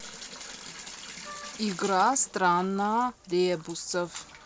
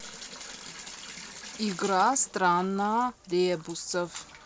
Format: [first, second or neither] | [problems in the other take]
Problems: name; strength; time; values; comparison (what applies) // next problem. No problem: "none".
second | background sound (Wind instrument, woodwind instrument); 18 dB below the speech